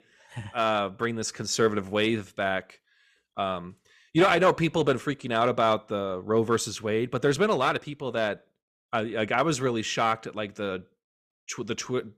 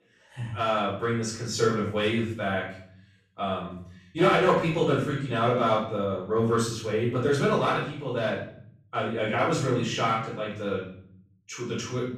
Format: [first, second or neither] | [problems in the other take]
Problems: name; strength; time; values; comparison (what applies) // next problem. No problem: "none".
first | off-mic speech; far // room echo; noticeable; dies away in 0.7 s